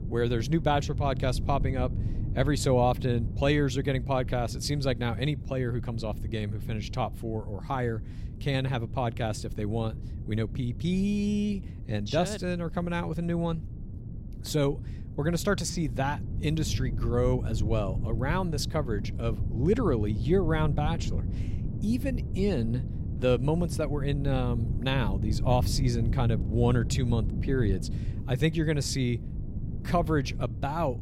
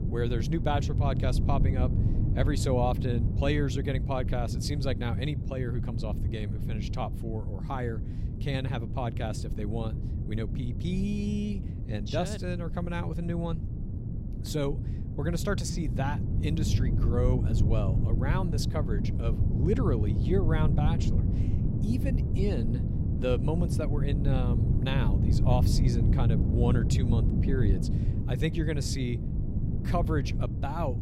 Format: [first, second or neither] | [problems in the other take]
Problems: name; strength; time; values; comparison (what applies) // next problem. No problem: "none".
first | wind noise on the microphone; heavy; 6 dB below the speech; occasional gusts in the first